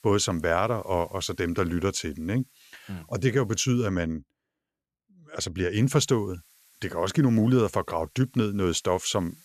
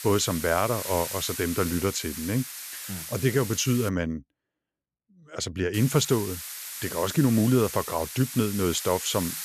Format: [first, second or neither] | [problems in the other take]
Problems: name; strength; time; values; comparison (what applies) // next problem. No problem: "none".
first | hiss; loud; until 4 s and from 5.5 s on; 8 dB below the speech; faint in the first